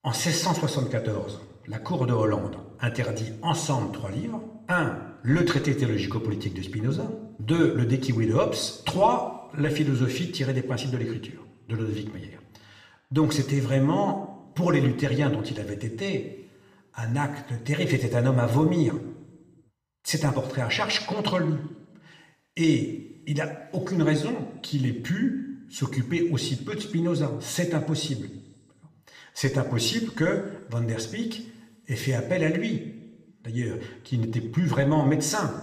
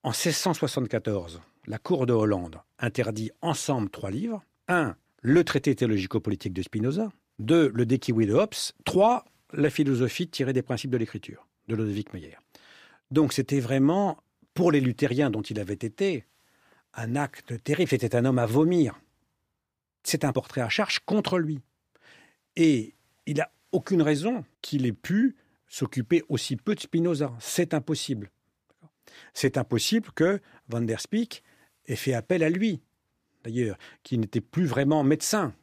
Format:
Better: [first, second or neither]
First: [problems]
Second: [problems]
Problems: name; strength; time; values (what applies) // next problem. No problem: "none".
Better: second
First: room echo; slight; dies away in 0.8 s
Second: none